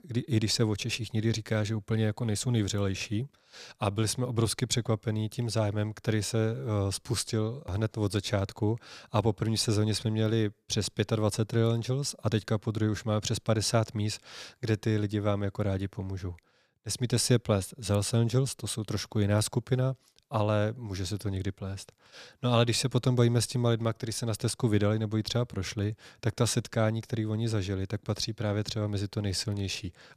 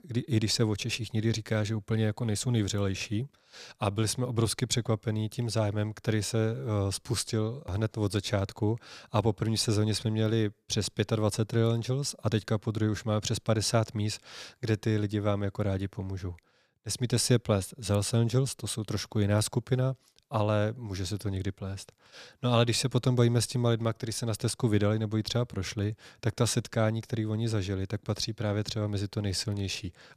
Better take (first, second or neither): neither